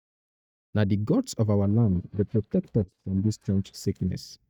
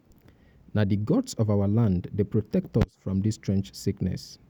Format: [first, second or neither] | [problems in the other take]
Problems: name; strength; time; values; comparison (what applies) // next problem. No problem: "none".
second | noise reduction (neural mask model DeepFilterNet 3)